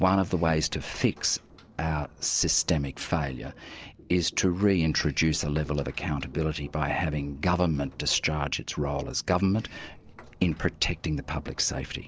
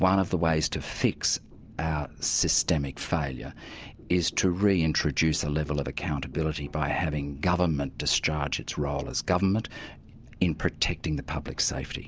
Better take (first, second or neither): second